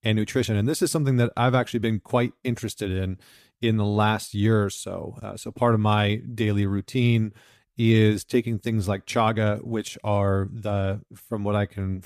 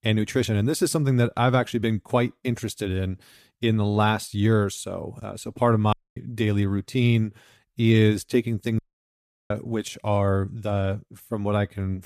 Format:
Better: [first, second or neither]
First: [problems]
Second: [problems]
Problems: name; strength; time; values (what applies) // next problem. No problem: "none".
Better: first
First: none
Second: audio cutting out; at 6 s and at 9 s for 0.5 s